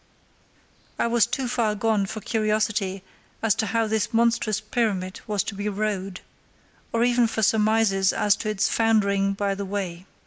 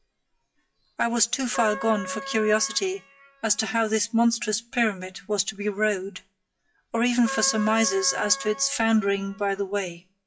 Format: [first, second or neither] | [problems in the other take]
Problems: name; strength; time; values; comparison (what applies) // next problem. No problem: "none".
first | noise reduction (classical method WPE with log-MMSE)